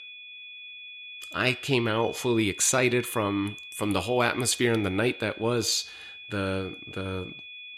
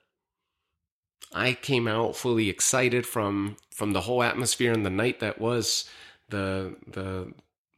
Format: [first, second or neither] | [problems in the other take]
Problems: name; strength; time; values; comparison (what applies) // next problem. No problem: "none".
second | high-pitched whine; noticeable; throughout; 2.5 kHz, 15 dB below the speech